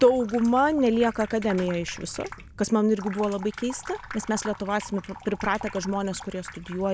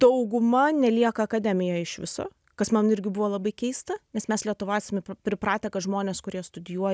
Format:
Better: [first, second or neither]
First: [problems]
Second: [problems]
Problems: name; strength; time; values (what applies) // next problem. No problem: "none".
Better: second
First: background sound (Sink (filling or washing) / Water tap, faucet); 16 dB below the speech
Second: none